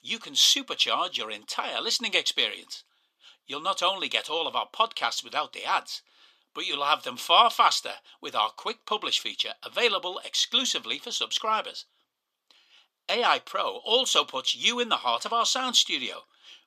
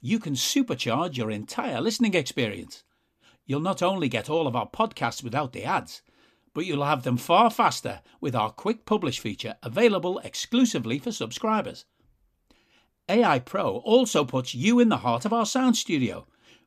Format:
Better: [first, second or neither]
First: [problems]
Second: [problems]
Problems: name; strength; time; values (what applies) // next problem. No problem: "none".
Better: second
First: thin; very; fading below 600 Hz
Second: none